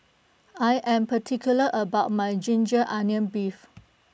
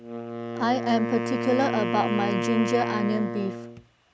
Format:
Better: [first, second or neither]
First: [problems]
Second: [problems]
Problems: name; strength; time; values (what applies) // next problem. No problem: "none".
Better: first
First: none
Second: background sound (Wind instrument, woodwind instrument); 3 dB below the speech